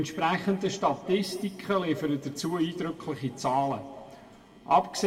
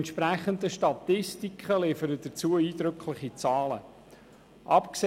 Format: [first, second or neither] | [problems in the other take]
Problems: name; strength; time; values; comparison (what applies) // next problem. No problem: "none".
second | room echo; dies away in 1.1 s